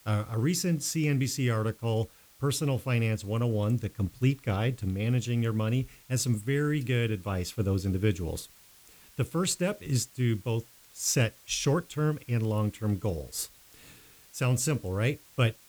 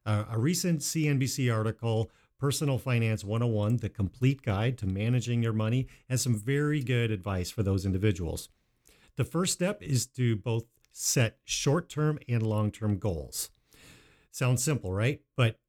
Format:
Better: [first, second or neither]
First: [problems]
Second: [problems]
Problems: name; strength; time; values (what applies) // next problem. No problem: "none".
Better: second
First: hiss; faint; throughout; 25 dB below the speech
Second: none